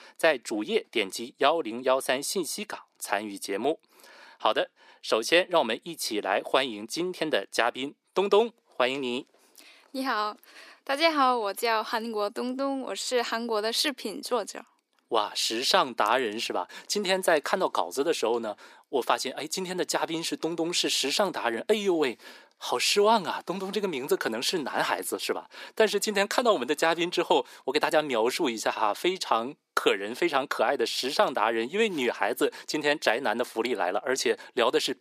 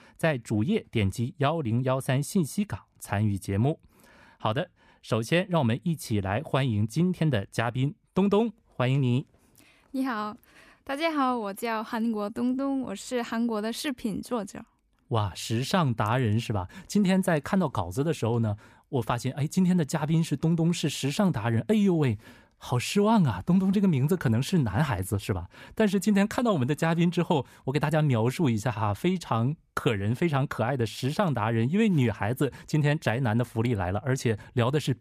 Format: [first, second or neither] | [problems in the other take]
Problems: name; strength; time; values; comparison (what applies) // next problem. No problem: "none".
second | thin; very; fading below 350 Hz